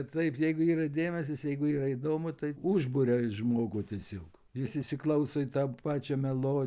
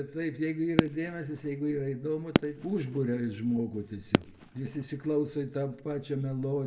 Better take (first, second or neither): first